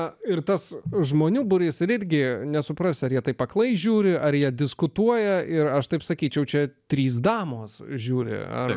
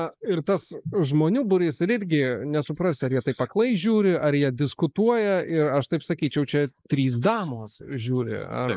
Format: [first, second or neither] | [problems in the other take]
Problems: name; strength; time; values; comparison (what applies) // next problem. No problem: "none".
first | noise reduction (neural mask model Resemble Enhance denoiser)